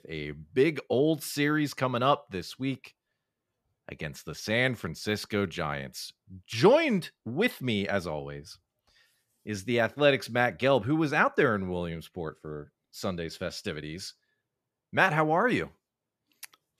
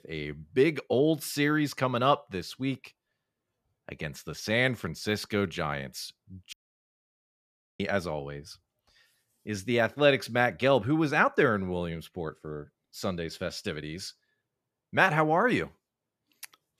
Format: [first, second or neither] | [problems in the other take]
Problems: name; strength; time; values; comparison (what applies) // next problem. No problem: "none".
first | audio cutting out; at 6.5 s for 1.5 s